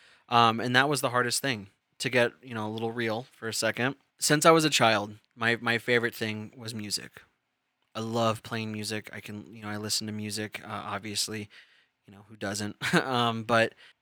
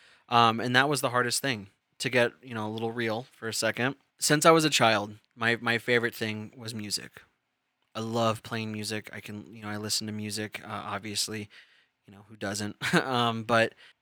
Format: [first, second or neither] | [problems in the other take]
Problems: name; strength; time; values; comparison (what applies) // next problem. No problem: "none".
neither | thin; somewhat; fading below 1 kHz; the same in both